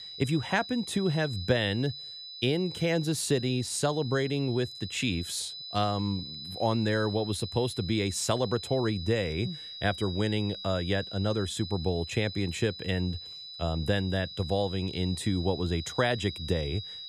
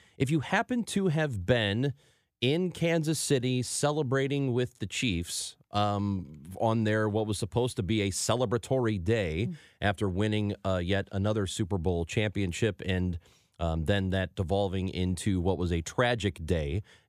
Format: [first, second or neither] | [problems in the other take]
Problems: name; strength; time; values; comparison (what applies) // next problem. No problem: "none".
second | high-pitched whine; loud; throughout; 4 kHz, 10 dB below the speech